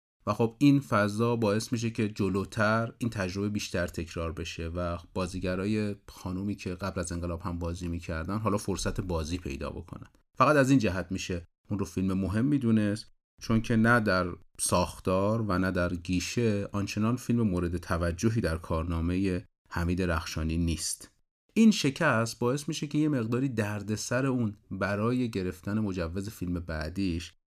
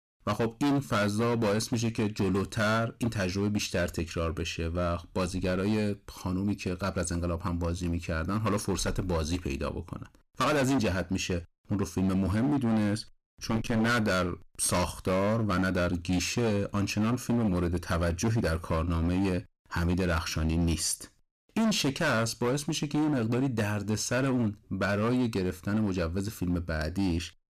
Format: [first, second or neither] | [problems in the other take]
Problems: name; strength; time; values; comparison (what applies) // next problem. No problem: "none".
first | distortion; heavy; 16% of the sound clipped